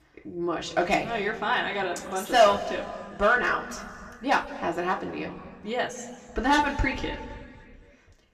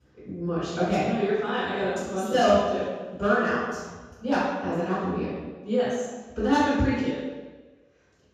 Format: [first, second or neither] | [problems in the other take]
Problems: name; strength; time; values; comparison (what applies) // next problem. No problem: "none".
first | room echo; strong; dies away in 1.2 s; slight in the first // off-mic speech; far; somewhat distant in the first